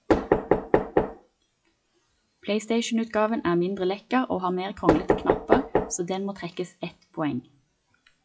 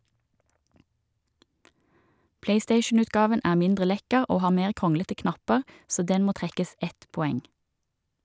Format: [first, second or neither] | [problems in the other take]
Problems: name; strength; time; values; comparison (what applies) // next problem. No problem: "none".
second | noise reduction (classical method WPE with log-MMSE)